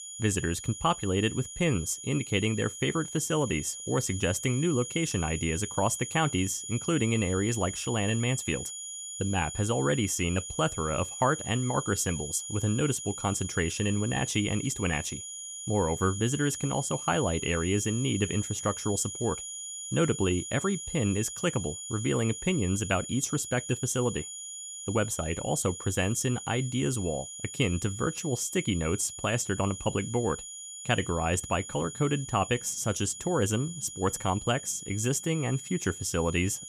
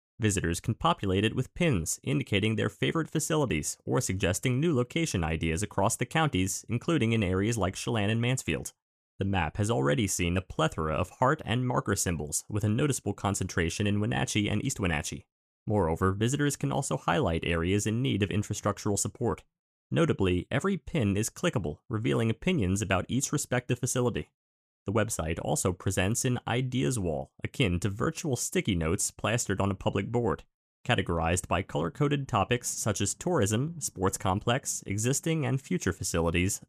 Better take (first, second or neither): second